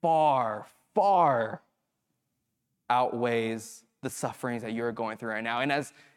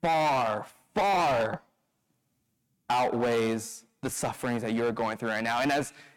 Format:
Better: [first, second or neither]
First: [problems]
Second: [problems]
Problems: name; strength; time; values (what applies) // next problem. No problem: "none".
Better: first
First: none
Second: distortion; heavy; 13% of the sound clipped